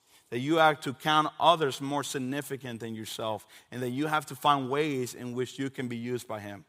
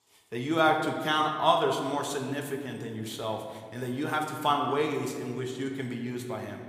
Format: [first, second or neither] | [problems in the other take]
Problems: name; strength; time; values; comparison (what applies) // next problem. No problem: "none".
first | room echo; slight; dies away in 1.6 s